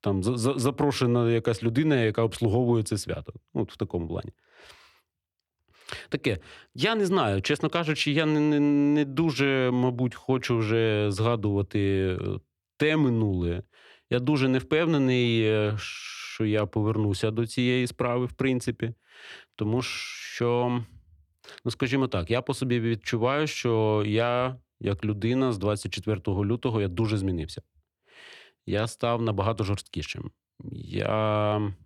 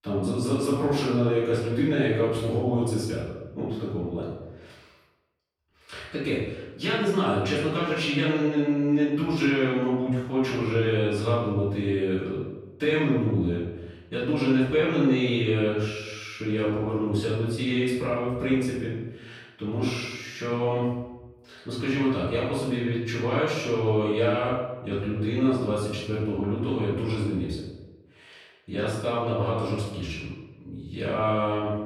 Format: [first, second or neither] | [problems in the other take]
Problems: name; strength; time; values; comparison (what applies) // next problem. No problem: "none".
first | room echo; noticeable; dies away in 0.9 s // off-mic speech; far